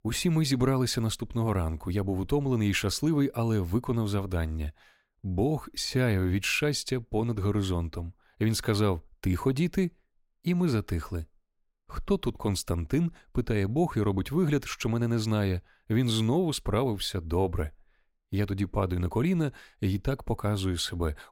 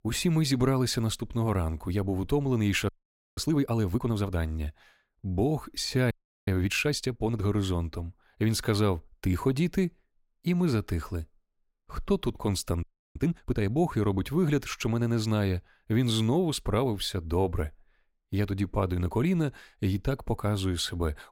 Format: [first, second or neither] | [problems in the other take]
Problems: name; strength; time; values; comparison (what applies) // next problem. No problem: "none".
first | audio freezing; at 3 s, at 6 s and at 13 s